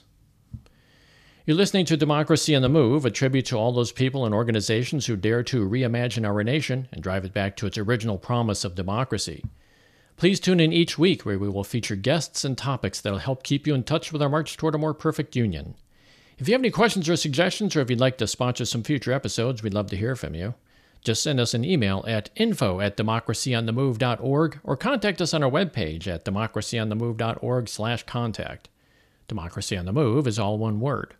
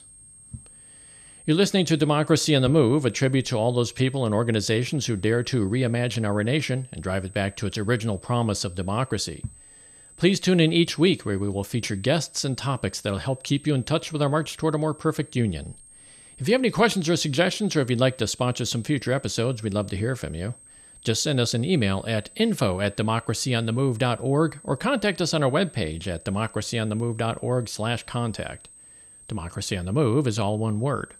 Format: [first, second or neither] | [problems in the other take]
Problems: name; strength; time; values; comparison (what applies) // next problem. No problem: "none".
first | high-pitched whine; faint; throughout; 8 kHz, 20 dB below the speech